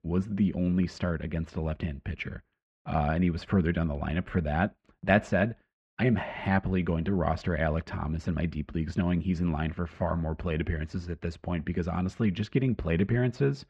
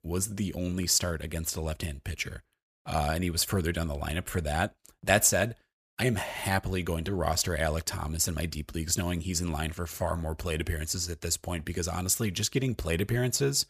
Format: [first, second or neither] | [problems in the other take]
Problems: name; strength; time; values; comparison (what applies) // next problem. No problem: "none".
second | muffled; very; fading above 2.5 kHz